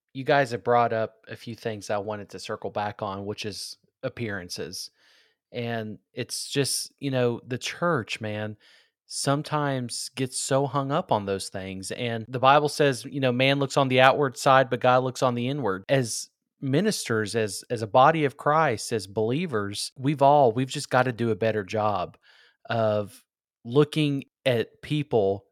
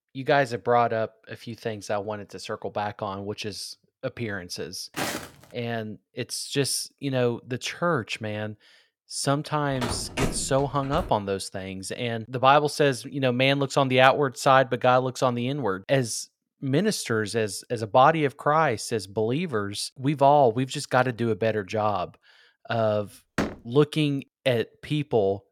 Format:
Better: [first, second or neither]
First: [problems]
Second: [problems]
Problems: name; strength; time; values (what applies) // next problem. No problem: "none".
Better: first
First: none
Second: footsteps; noticeable; at 5 s; peak 5 dB below the speech // phone ringing; noticeable; from 10 to 11 s; peak 5 dB below the speech // door banging; noticeable; at 23 s; peak 5 dB below the speech